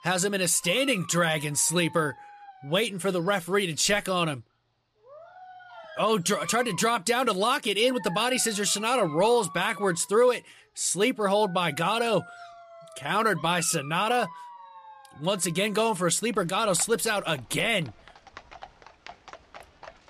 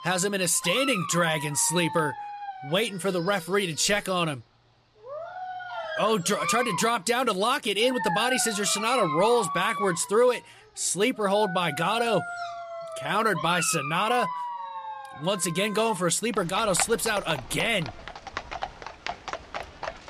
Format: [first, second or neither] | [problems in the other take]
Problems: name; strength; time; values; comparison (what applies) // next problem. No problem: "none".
first | animal sounds; loud; throughout; 9 dB below the speech; faint in the first